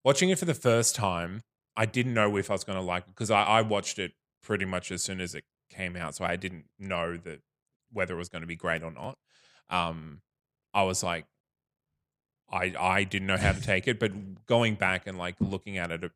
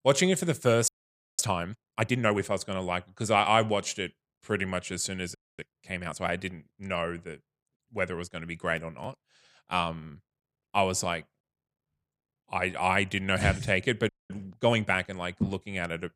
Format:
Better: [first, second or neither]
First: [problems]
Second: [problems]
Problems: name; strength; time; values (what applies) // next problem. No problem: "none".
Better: first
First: none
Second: audio freezing; at 1 s for 0.5 s, at 5.5 s and at 14 s